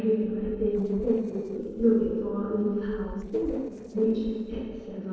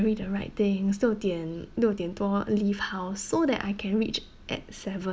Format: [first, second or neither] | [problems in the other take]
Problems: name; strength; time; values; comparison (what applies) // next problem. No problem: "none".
second | noise reduction (neural separator model SepFormer DNS4)